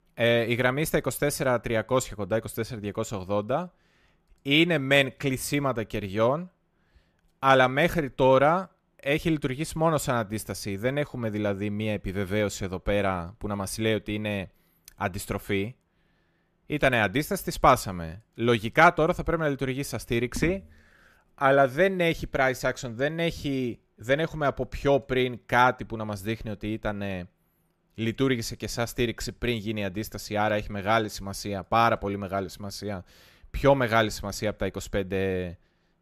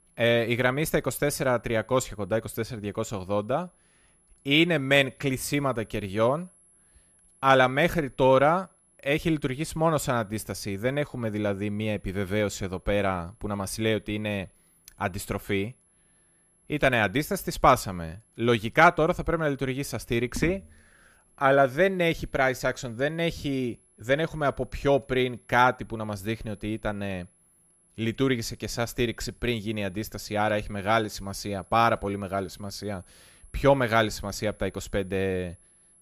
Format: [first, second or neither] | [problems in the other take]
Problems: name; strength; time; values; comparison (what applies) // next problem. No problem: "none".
first | high-pitched whine; faint; throughout; 11 kHz, 35 dB below the speech